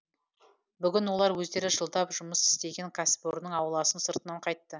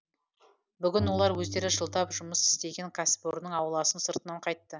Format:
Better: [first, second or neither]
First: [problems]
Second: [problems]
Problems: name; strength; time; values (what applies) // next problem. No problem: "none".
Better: first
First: none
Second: background sound (Bowed string instrument); 10 dB below the speech